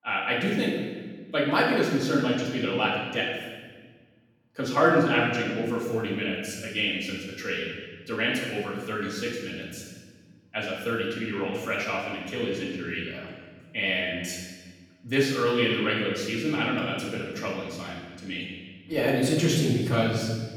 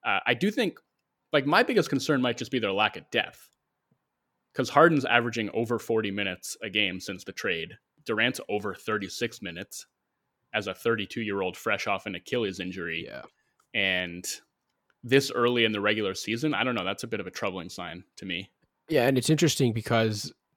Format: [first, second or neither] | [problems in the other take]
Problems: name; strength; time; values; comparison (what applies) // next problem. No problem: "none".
second | off-mic speech; far // room echo; noticeable; dies away in 1.4 s